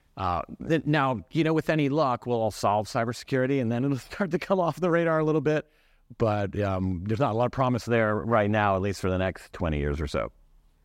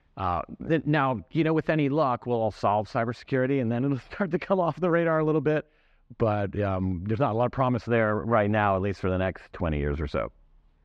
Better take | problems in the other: first | muffled; slightly; fading above 3 kHz

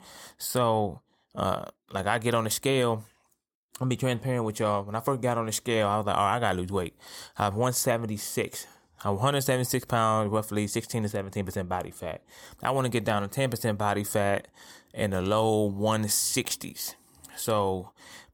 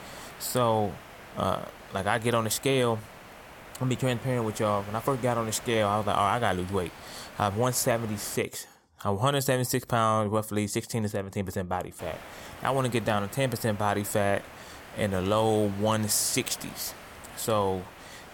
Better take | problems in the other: first | hiss; noticeable; until 8.5 s and from 12 s on; 15 dB below the speech

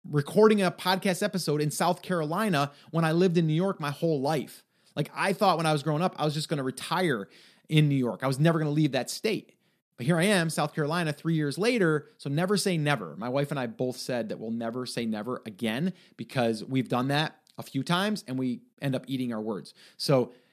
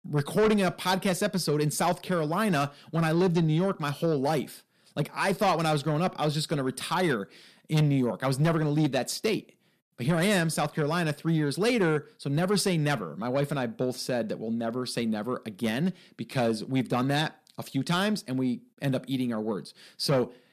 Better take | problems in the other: first | distortion; slight; 10 dB below the speech

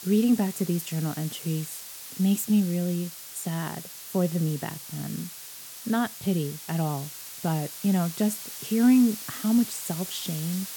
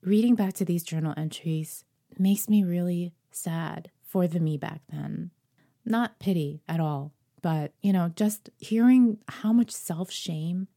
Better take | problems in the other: second | hiss; noticeable; throughout; 10 dB below the speech

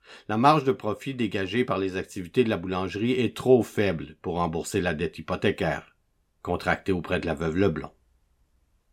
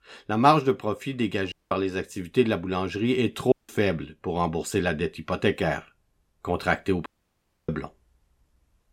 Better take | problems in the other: first | audio cutting out; at 1.5 s, at 3.5 s and at 7 s for 0.5 s

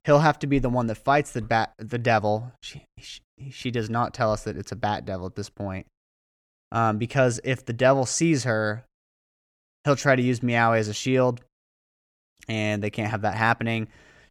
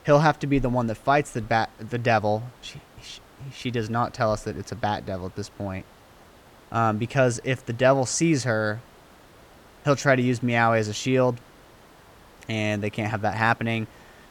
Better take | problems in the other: first | hiss; faint; throughout; 25 dB below the speech

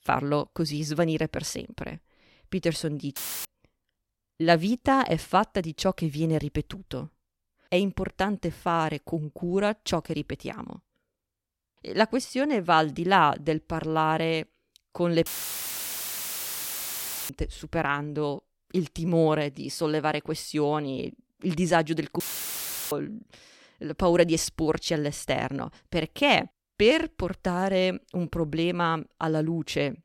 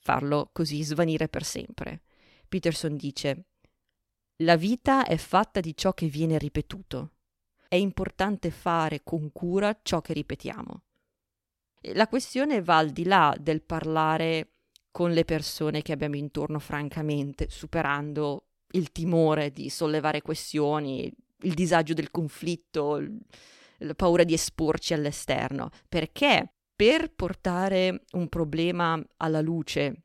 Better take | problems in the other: second | audio cutting out; filled with static; at 3 s, at 15 s for 2 s and at 22 s for 0.5 s

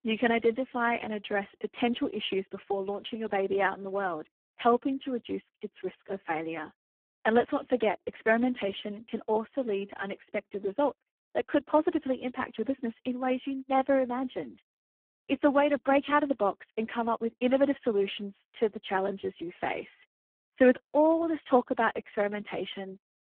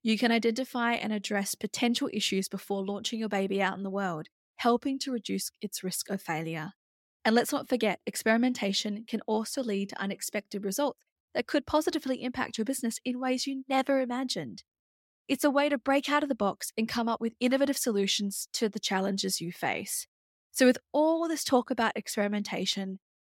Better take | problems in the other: second | phone-call audio; poor line

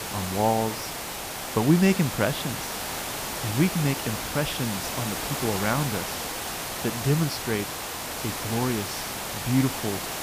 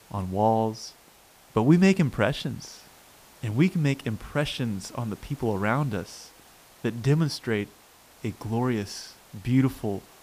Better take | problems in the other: second | hiss; loud; throughout; 3 dB below the speech; faint in the second

